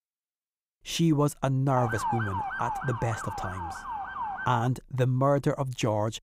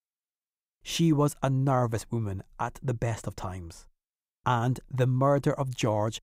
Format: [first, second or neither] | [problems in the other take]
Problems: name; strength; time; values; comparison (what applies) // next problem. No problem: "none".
second | siren; noticeable; from 2 to 4.5 s; peak 2 dB below the speech